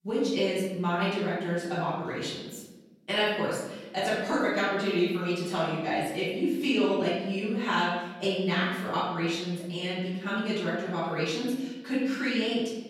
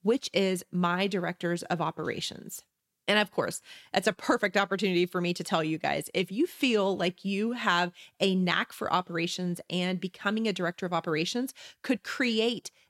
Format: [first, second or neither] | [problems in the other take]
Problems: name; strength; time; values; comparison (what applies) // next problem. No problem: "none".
second | room echo; noticeable; dies away in 1 s // off-mic speech; far